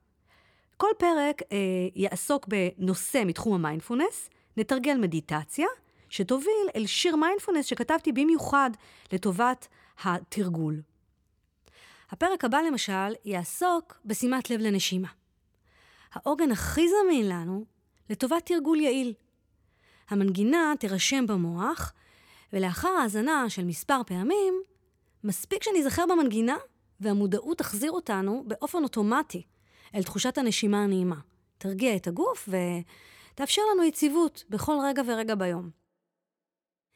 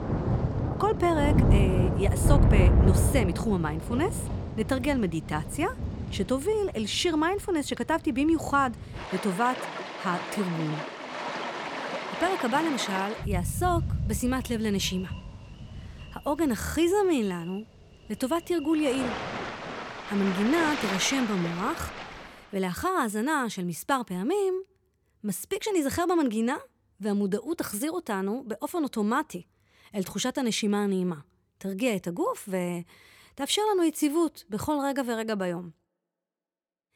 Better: first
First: none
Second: rain or running water; loud; until 22 s; 1 dB below the speech

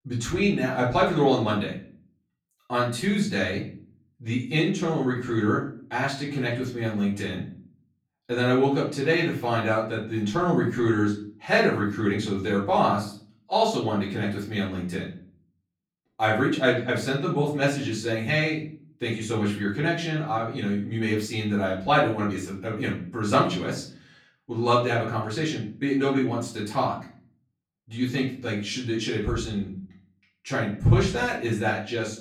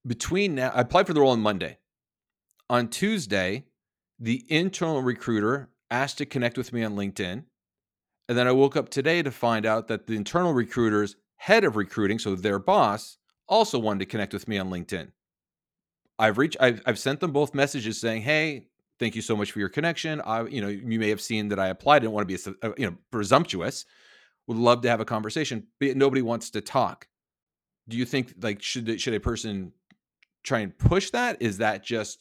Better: second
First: off-mic speech; far // room echo; slight; dies away in 0.4 s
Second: none

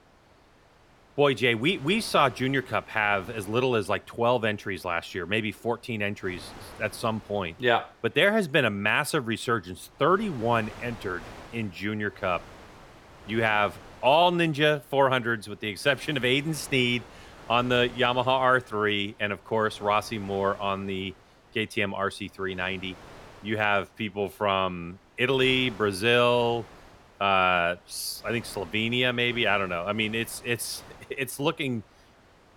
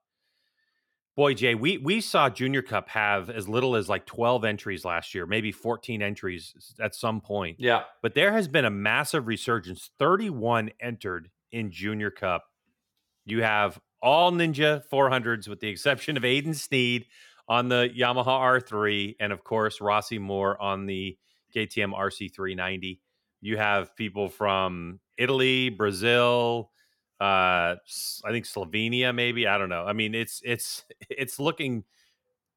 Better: second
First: wind noise on the microphone; occasional gusts; 25 dB below the speech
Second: none

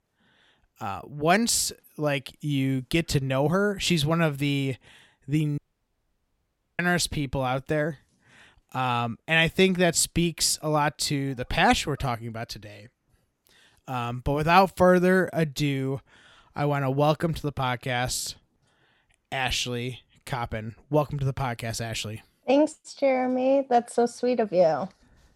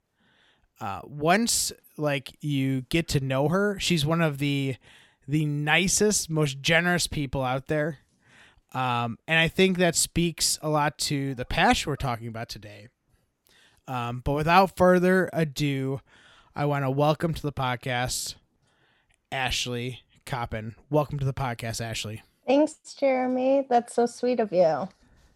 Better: second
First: audio cutting out; at 5.5 s for 1 s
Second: none

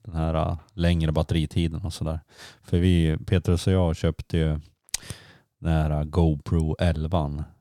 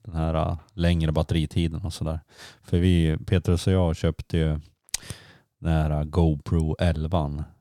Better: neither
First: none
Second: none

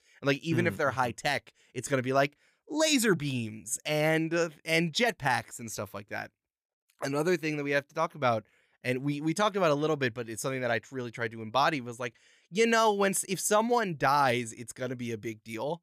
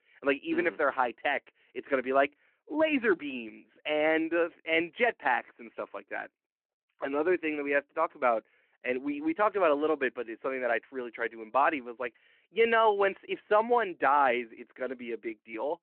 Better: first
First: none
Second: phone-call audio

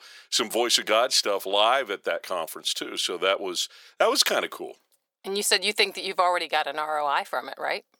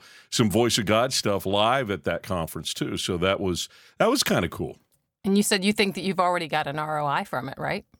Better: second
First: thin; very; fading below 400 Hz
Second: none

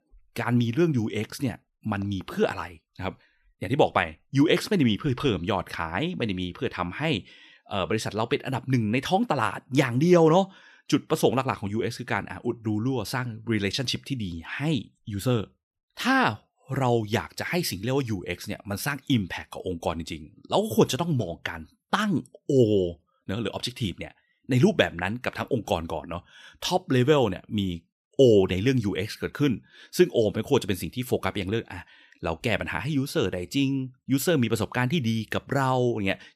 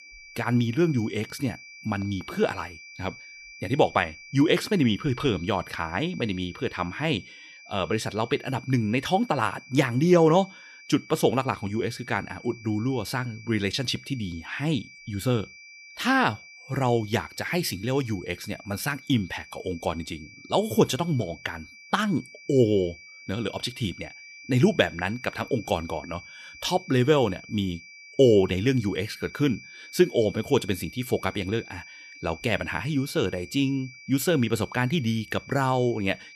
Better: first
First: none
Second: high-pitched whine; noticeable; throughout; 2.5 kHz, 20 dB below the speech

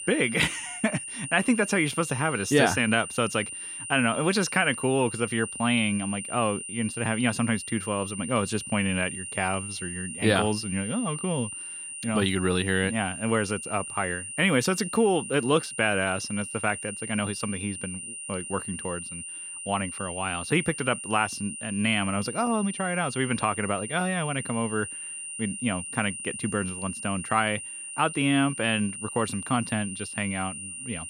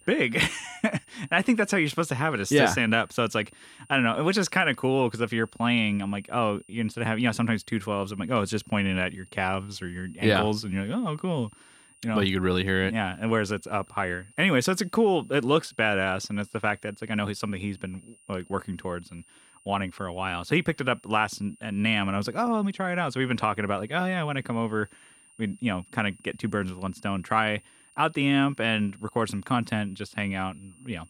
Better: second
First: high-pitched whine; loud; throughout; 9 kHz, 8 dB below the speech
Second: high-pitched whine; faint; throughout; 9 kHz, 30 dB below the speech

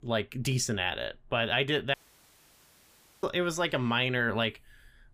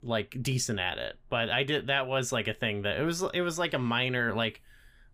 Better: second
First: audio cutting out; at 2 s for 1.5 s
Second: none

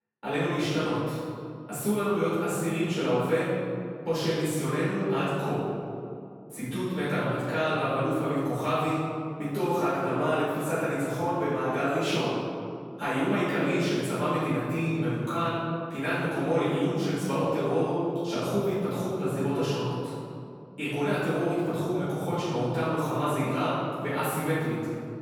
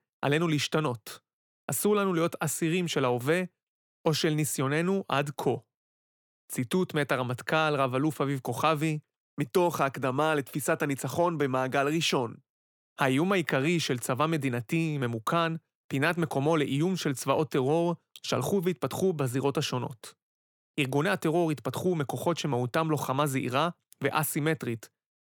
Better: second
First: room echo; strong; dies away in 2.3 s // off-mic speech; far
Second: none

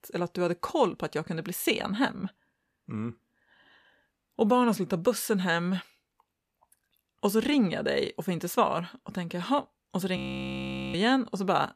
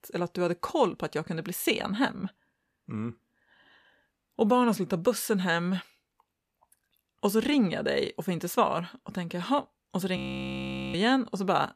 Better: neither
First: audio freezing; at 10 s for 1 s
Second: audio freezing; at 10 s for 1 s

